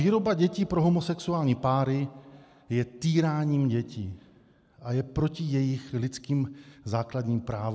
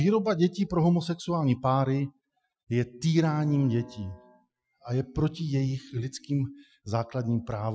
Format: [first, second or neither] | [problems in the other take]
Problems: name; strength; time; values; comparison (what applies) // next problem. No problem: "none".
first | noise reduction (classical method Wiener filter)